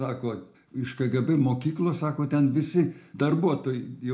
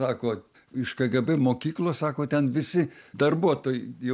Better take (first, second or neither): second